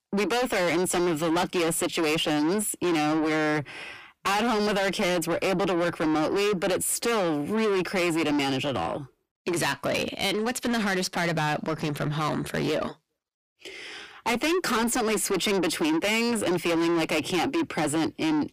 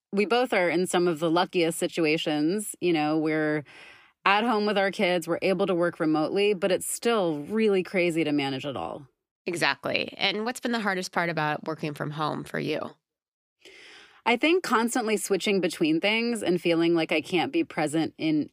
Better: second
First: distortion; heavy; 6 dB below the speech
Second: none

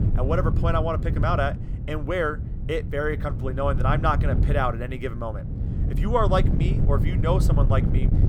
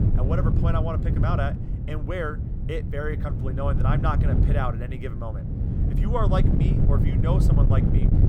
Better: first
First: wind noise on the microphone; occasional gusts; 10 dB below the speech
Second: wind noise on the microphone; heavy; 4 dB below the speech

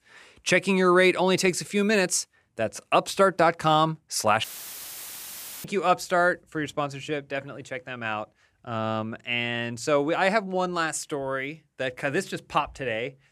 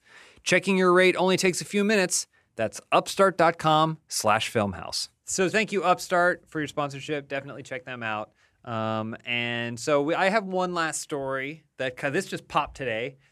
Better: second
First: audio cutting out; filled with static; at 4.5 s for 1 s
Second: none

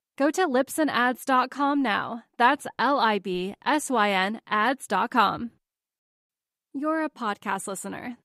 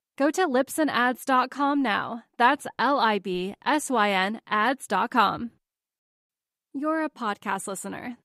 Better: neither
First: none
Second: none

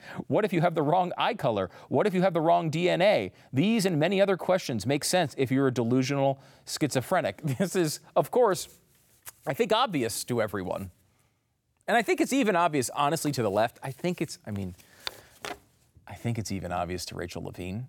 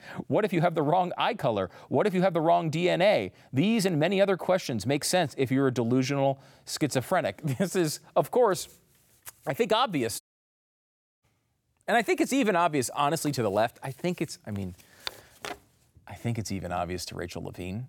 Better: first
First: none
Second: audio cutting out; at 10 s for 1 s

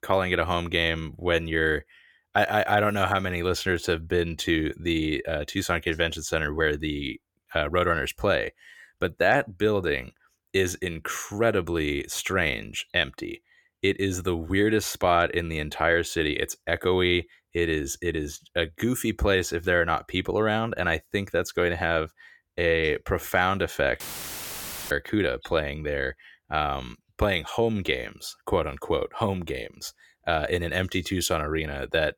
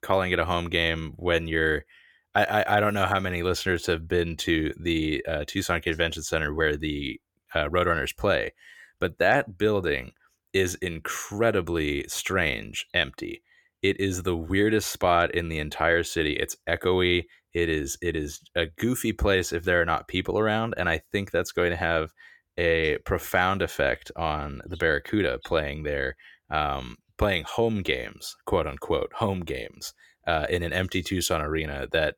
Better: second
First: audio cutting out; filled with static; at 24 s for 1 s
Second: none

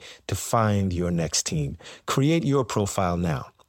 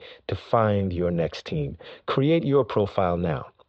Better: first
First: none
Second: muffled; very; fading above 4 kHz

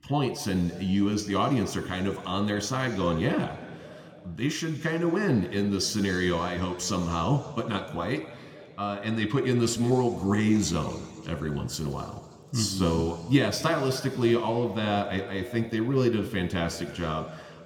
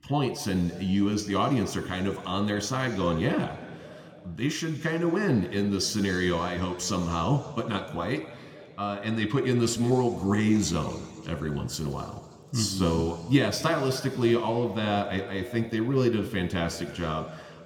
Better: neither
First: room echo; slight; dies away in 2 s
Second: room echo; slight; dies away in 2 s

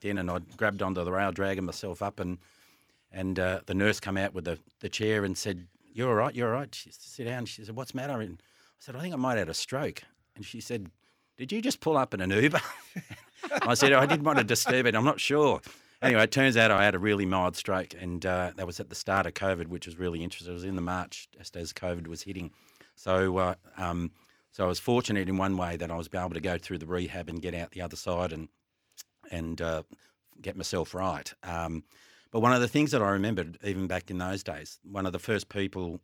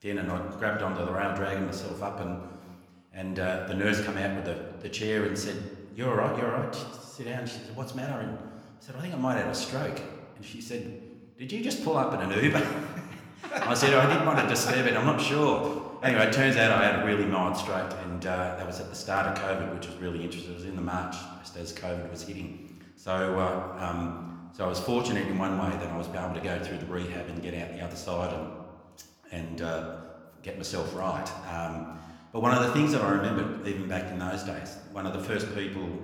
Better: first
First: none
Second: room echo; slight; dies away in 1.1 s

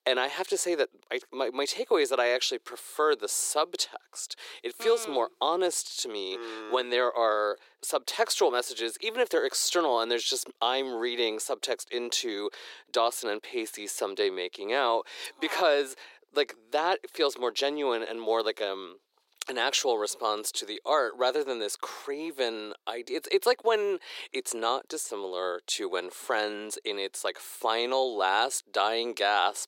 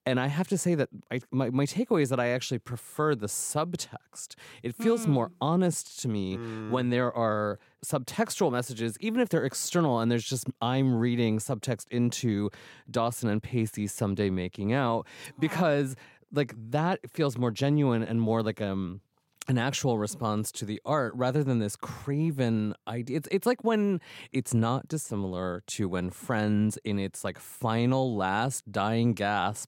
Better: second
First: thin; very; fading below 350 Hz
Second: none

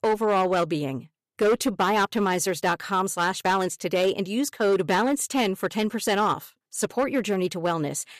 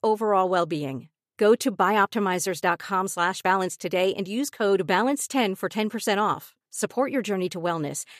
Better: second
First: distortion; slight; 7% of the sound clipped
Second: none

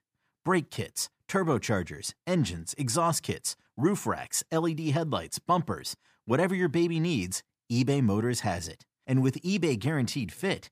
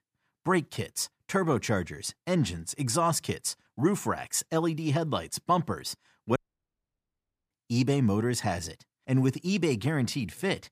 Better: first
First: none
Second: audio cutting out; at 6.5 s for 1 s

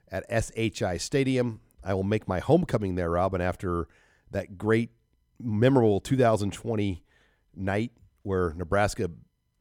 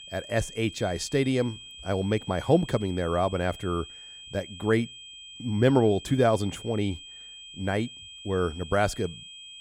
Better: first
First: none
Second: high-pitched whine; noticeable; throughout; 3 kHz, 15 dB below the speech

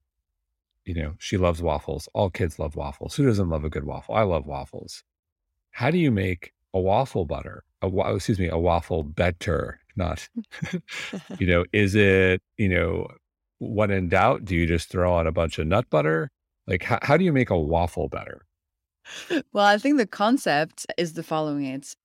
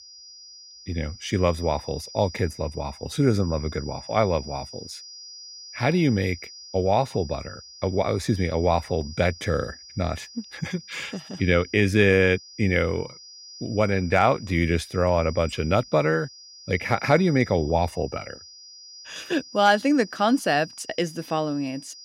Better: first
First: none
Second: high-pitched whine; noticeable; throughout; 5 kHz, 15 dB below the speech

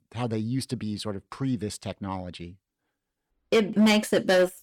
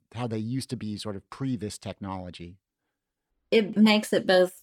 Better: second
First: distortion; slight; 3% of the sound clipped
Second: none

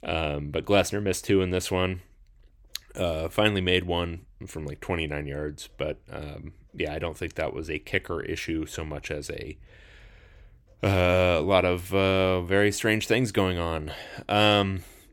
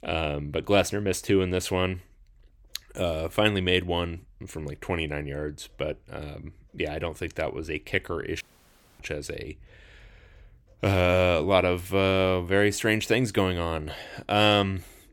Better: first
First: none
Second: audio cutting out; at 8.5 s for 0.5 s

